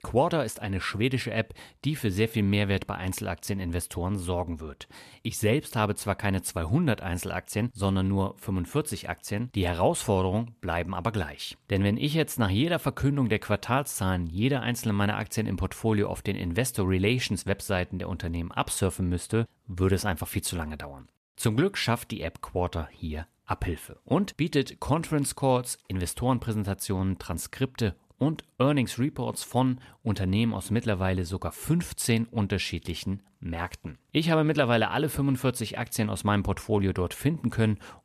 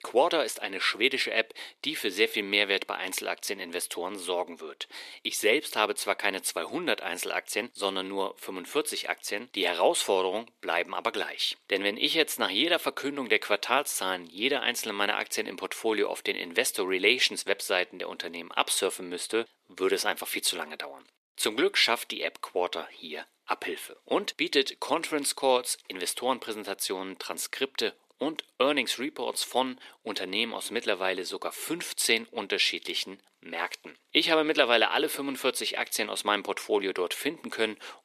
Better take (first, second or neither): first